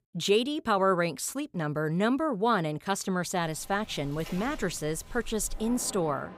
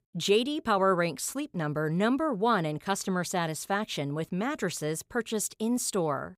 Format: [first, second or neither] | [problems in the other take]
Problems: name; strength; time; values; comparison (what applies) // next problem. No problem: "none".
second | rain or running water; noticeable; from 3.5 s on; 20 dB below the speech